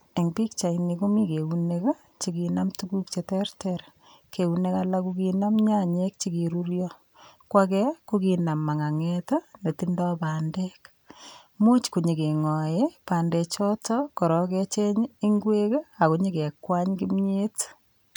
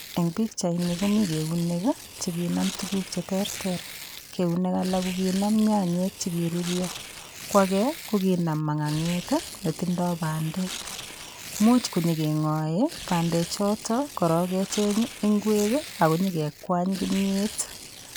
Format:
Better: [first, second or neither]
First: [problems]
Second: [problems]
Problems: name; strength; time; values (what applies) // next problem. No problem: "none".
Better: first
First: none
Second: background sound (Tearing); 13 dB below the speech